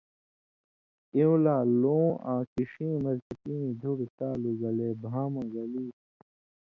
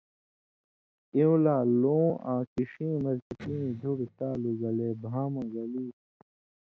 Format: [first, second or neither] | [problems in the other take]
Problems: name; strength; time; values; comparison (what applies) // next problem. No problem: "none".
first | noise reduction (neural mask model RNNoise)